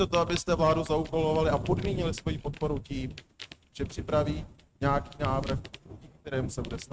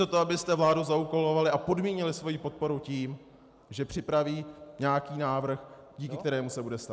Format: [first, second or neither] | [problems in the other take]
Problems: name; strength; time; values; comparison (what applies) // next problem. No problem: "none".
second | noise reduction (neural mask model RNNoise)